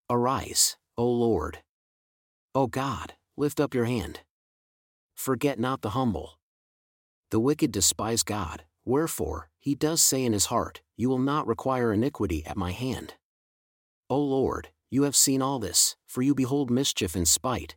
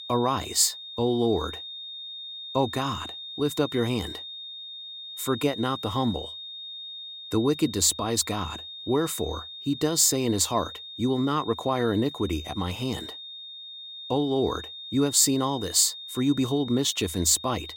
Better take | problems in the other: first | high-pitched whine; noticeable; throughout; 3.5 kHz, 10 dB below the speech

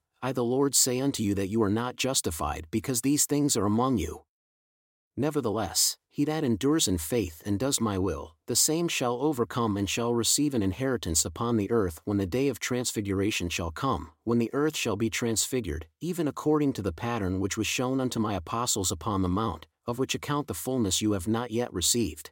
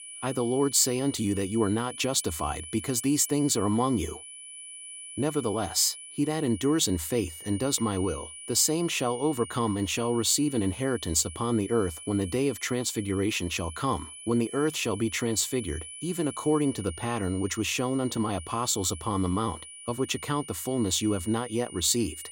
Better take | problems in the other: first | high-pitched whine; noticeable; throughout; 10 kHz, 15 dB below the speech

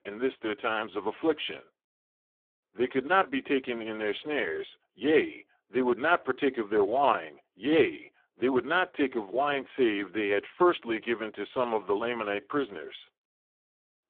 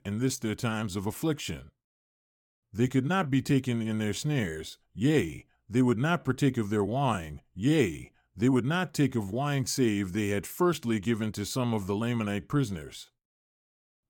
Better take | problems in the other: second | phone-call audio; poor line

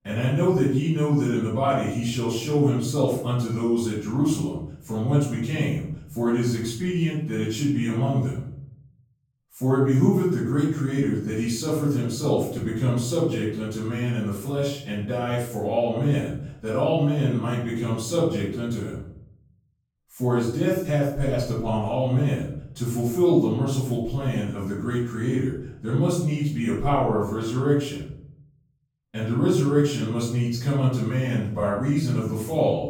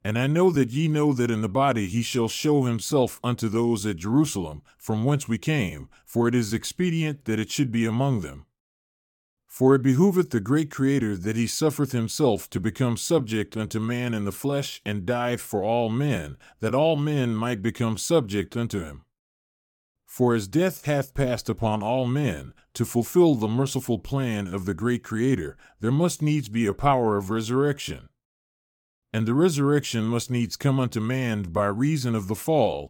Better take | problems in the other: second | off-mic speech; far // room echo; noticeable; dies away in 0.6 s

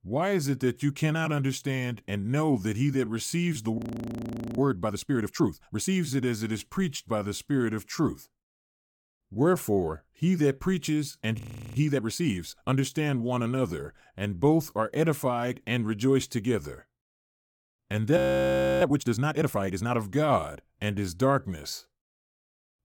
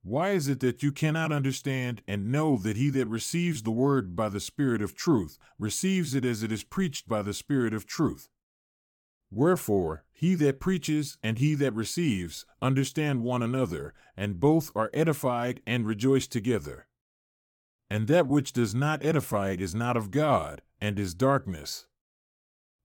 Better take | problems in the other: second | audio freezing; at 4 s for 1 s, at 11 s and at 18 s for 0.5 s

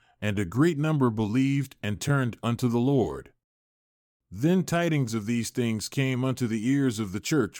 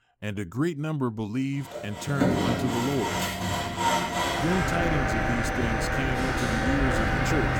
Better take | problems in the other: first | machinery noise; very loud; from 2 s on; 4 dB above the speech

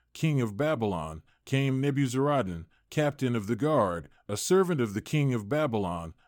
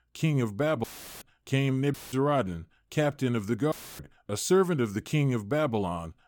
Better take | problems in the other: first | audio cutting out; filled with static; at 1 s, at 2 s and at 3.5 s

